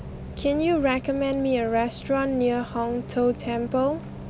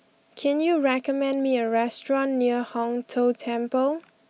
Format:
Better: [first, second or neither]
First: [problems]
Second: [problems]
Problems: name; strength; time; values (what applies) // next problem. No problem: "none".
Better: second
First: background sound (Bus); 12 dB below the speech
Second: none